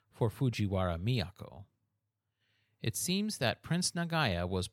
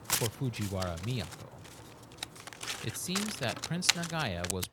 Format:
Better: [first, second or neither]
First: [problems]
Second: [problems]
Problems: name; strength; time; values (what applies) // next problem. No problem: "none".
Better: first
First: none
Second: household noises; very loud; throughout; as loud as the speech